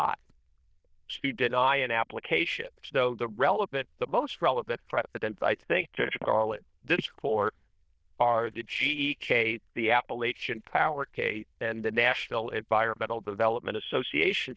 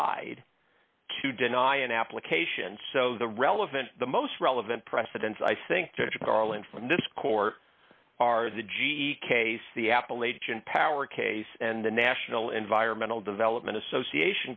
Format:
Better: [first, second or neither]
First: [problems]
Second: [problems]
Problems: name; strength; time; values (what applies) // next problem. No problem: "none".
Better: second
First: noise reduction (neural diffusion model UNIVERSE++)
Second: none